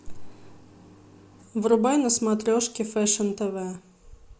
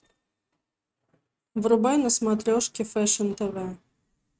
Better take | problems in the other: first | noise reduction (neural mask model RNNoise)

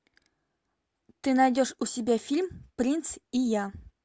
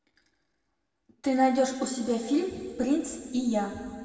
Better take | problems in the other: first | room echo; dies away in 1.9 s

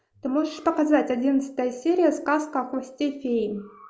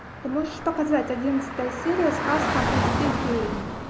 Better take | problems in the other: first | background sound (Traffic noise, roadway noise / Car); 1 dB below the speech

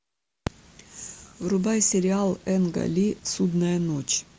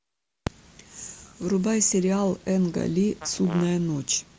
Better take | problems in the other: first | background sound (Fart); 16 dB below the speech

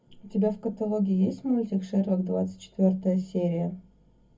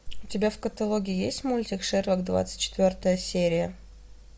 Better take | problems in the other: second | room echo; dies away in 0.3 s

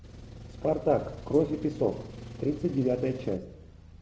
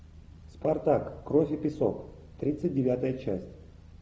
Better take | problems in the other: second | background sound (Engine); 14 dB below the speech

